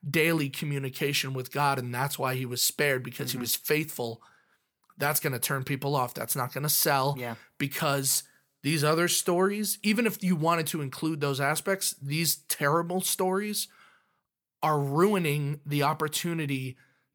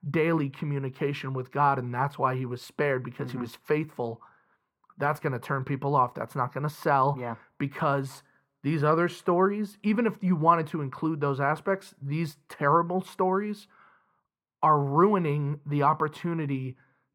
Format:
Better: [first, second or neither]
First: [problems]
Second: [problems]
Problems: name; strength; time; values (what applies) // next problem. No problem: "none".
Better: first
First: none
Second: muffled; very; fading above 3 kHz